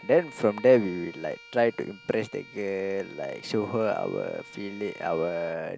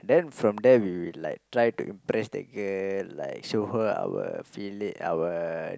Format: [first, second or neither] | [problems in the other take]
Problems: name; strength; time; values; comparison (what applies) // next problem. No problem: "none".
second | background sound (Bowed string instrument); 20 dB below the speech